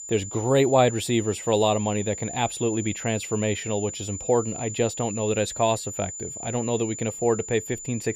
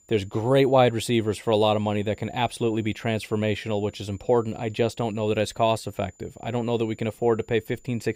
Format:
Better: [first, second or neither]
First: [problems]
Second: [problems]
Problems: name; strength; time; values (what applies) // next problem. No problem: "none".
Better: second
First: high-pitched whine; loud; throughout; 7 kHz, 9 dB below the speech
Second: high-pitched whine; faint; throughout; 7 kHz, 30 dB below the speech